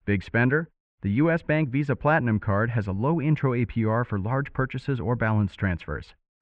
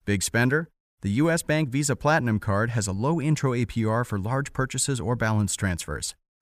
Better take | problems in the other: second | muffled; very; fading above 2.5 kHz

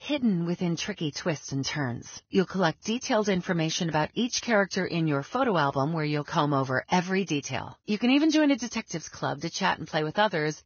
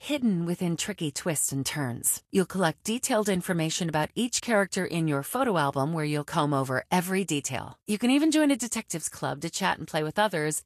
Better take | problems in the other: second | garbled, watery; badly; nothing above 6.5 kHz; slightly in the second

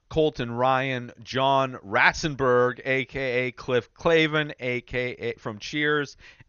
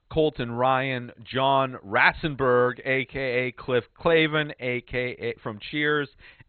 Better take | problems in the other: first | garbled, watery; badly; nothing above 4 kHz; slightly in the first

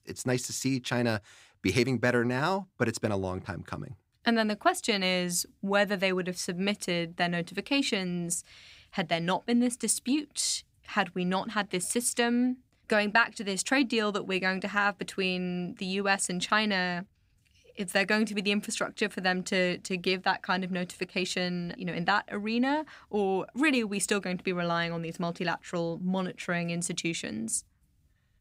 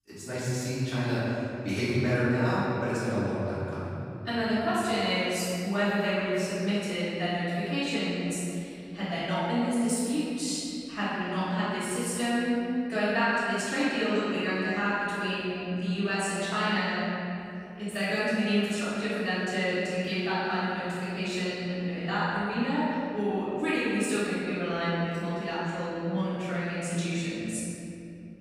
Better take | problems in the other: first | room echo; strong; dies away in 3 s // off-mic speech; far

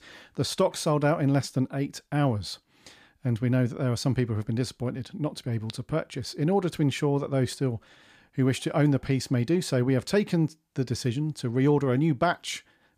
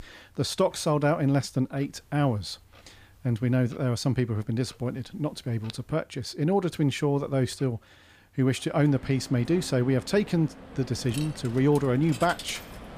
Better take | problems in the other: first | household noises; noticeable; throughout; 15 dB below the speech

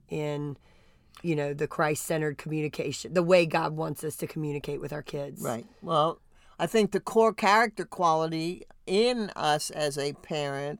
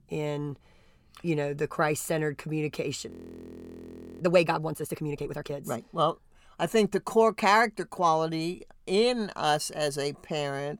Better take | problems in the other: first | audio freezing; at 3 s for 1 s

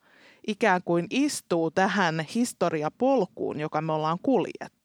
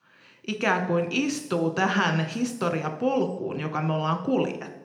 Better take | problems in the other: first | room echo; slight; dies away in 0.7 s // off-mic speech; somewhat distant

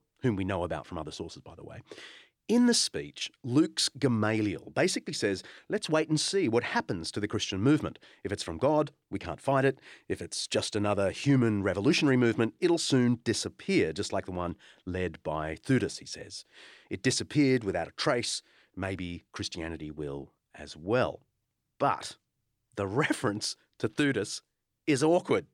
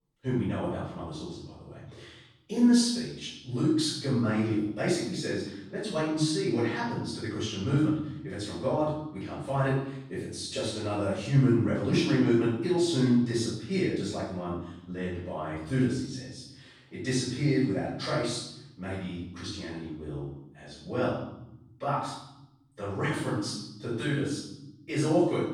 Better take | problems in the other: first | off-mic speech; far // room echo; strong; dies away in 0.9 s

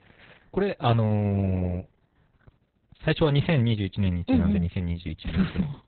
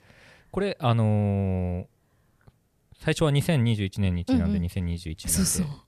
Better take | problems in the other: second | garbled, watery; badly; nothing above 4 kHz

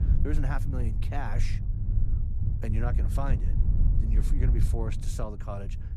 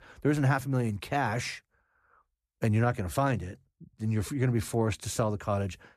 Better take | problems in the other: second | low rumble; loud; throughout; 6 dB below the speech

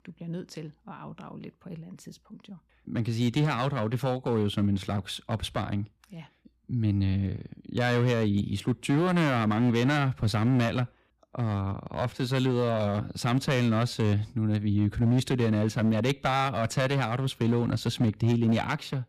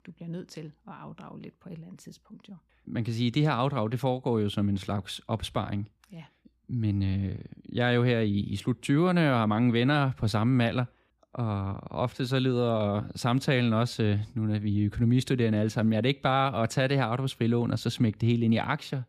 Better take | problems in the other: second | distortion; slight; 7% of the sound clipped

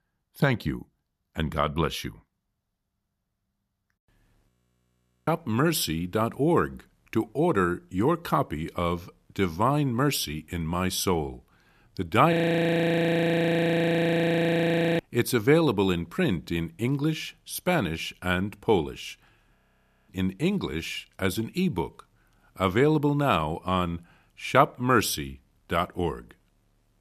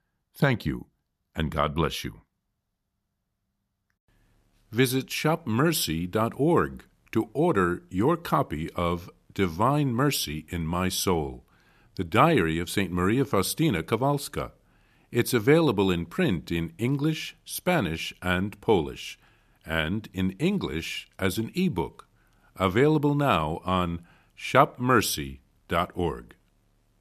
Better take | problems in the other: second | audio freezing; at 4.5 s for 1 s, at 12 s for 2.5 s and at 20 s for 0.5 s

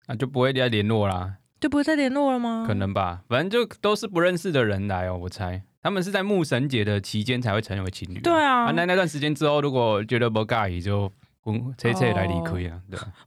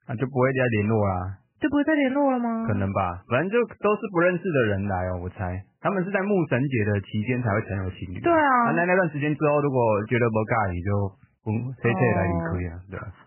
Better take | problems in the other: first | garbled, watery; badly; nothing above 3 kHz

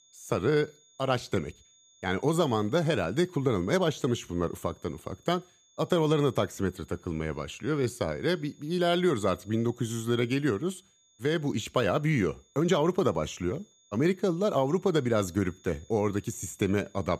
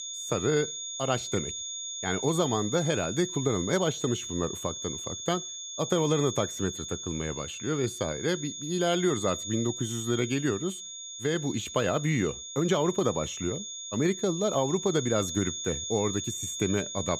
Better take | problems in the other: first | high-pitched whine; loud; throughout; 6.5 kHz, 6 dB below the speech; faint in the first

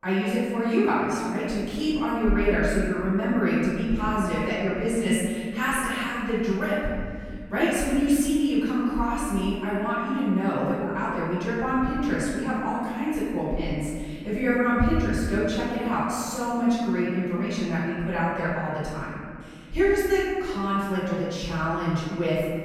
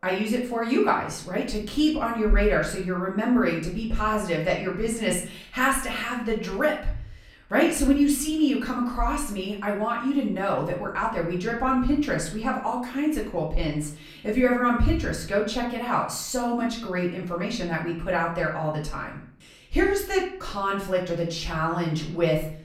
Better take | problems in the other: second | room echo; strong; dies away in 2.1 s; slight in the second // off-mic speech; far; far in the second

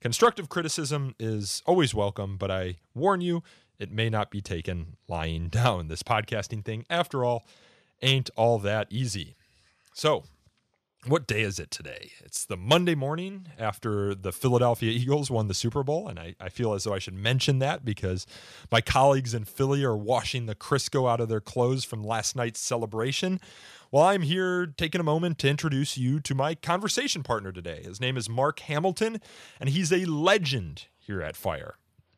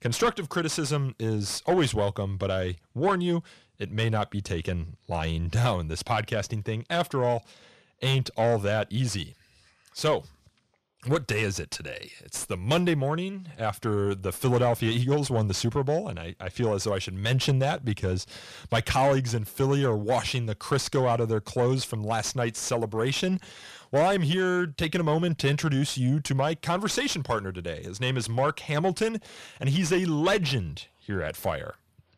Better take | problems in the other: first | distortion; slight; 10 dB below the speech

